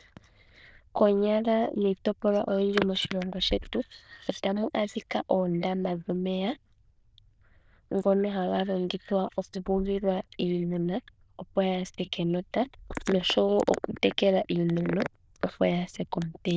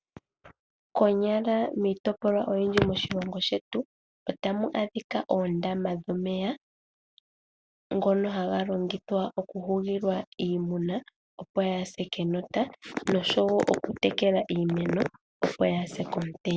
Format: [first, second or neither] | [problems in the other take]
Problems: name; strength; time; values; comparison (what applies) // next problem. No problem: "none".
second | noise reduction (neural diffusion model UNIVERSE++)